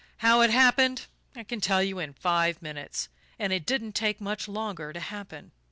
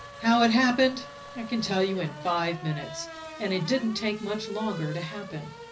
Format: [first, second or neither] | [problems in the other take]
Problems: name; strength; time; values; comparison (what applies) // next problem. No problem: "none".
first | background sound (Race car, auto racing / Accelerating, revving, vroom); 14 dB below the speech // room echo; dies away in 0.4 s